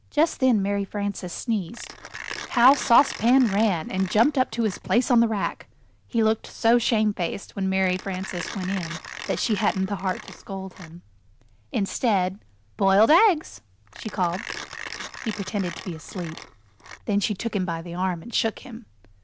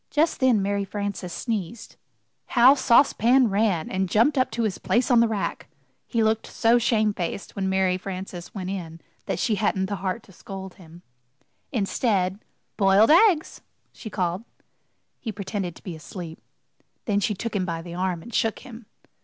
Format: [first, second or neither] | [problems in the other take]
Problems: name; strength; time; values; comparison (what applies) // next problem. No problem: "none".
second | background sound (Mechanisms); 16 dB below the speech